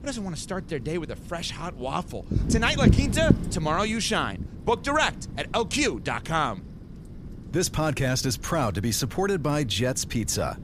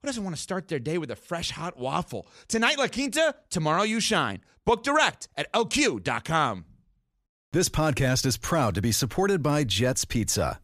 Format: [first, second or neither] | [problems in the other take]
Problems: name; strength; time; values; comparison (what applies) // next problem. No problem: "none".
second | wind noise on the microphone; heavy; 10 dB below the speech